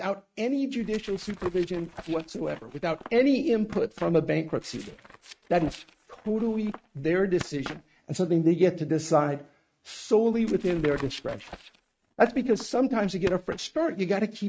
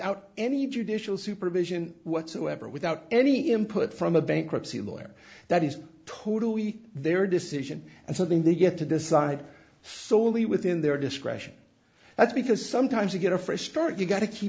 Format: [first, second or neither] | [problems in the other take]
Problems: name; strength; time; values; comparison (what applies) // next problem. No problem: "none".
second | noise reduction (neural mask model RNNoise)